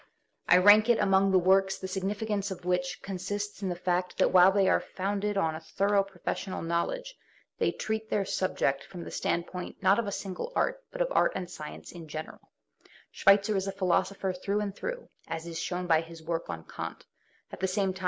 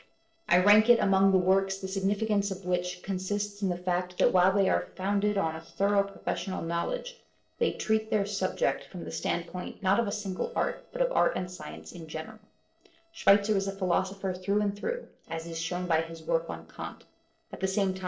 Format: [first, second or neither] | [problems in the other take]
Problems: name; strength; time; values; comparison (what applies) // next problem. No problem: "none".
first | noise reduction (neural separator model SepFormer DNS4)